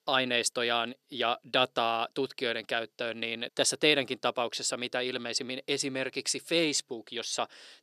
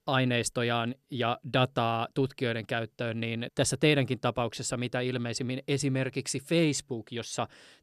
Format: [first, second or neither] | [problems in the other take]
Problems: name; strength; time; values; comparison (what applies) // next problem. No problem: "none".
second | thin; somewhat; fading below 350 Hz